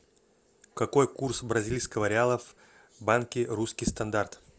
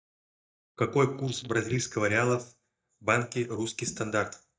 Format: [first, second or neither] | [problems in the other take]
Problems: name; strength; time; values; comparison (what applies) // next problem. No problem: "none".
first | noise reduction (neural mask model DeepFilterNet 3)